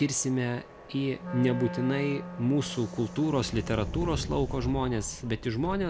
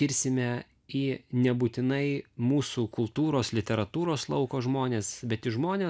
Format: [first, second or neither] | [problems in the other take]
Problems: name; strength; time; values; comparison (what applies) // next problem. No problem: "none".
second | background sound (Subway, metro, underground + Wind instrument, woodwind instrument); 9 dB below the speech